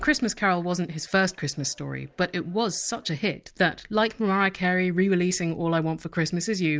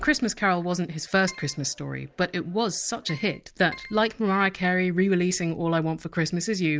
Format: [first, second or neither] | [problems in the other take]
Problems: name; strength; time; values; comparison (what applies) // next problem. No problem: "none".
first | background sound (Keyboard (musical)); 16 dB below the speech